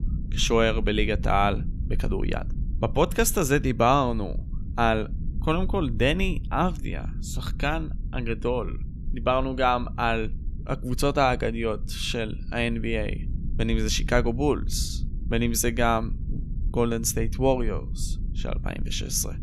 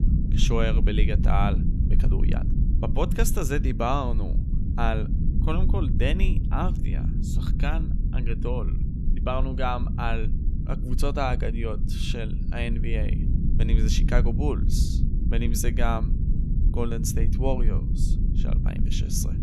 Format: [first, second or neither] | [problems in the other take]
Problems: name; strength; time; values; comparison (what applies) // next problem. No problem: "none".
first | low rumble; loud; throughout; 8 dB below the speech; faint in the first